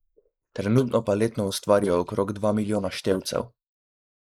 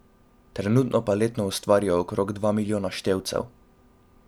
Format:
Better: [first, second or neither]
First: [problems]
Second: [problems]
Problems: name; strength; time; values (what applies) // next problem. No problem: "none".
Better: second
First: noise reduction (neural mask model Resemble Enhance denoiser)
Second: none